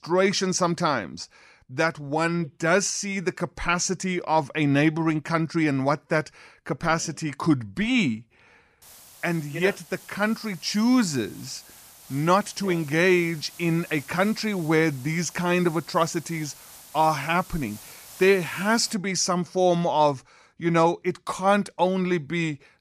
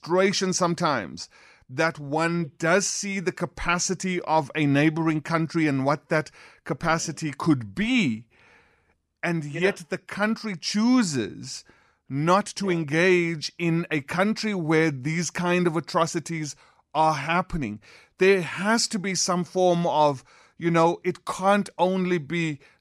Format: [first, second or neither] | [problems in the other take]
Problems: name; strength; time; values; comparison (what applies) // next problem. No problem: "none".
second | hiss; faint; from 9 to 19 s; 20 dB below the speech